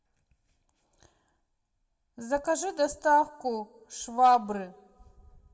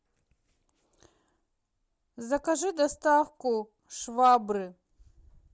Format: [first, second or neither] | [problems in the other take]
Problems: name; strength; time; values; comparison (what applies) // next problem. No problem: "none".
second | room echo; dies away in 0.3 s